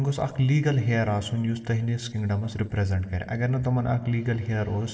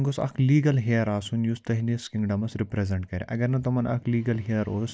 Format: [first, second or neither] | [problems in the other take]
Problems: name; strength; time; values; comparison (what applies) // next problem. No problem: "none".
second | room echo; dies away in 1.9 s